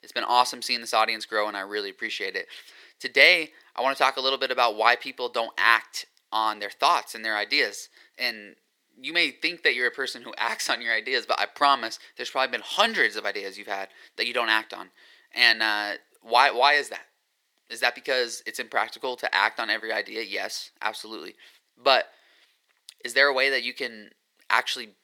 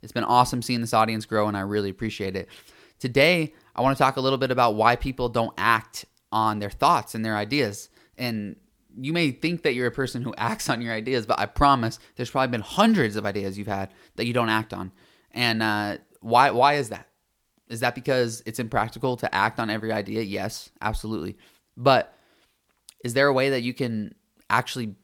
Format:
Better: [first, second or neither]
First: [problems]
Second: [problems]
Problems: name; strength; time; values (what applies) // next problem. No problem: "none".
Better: second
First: thin; very; fading below 400 Hz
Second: none